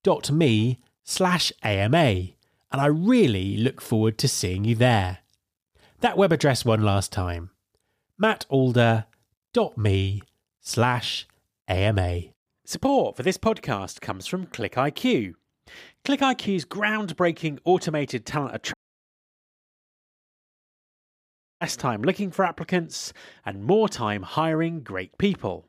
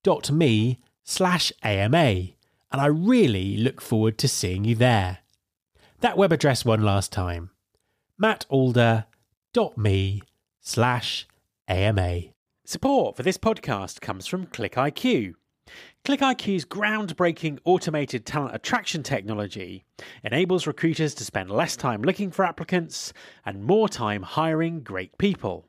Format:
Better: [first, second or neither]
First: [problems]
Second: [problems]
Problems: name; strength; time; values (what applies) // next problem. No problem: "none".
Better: second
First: audio cutting out; at 19 s for 3 s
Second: none